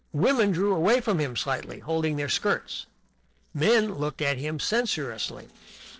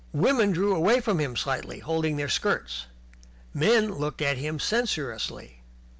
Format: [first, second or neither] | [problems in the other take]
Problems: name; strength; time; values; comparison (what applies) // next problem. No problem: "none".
second | noise reduction (neural separator model SepFormer DNS4)